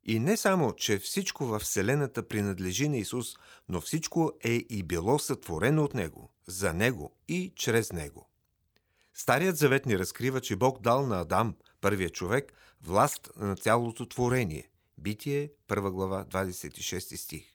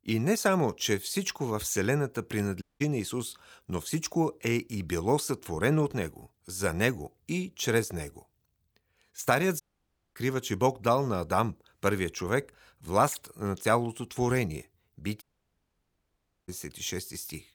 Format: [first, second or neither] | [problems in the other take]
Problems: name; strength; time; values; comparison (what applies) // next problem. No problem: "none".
first | audio cutting out; at 2.5 s, at 9.5 s for 0.5 s and at 15 s for 1.5 s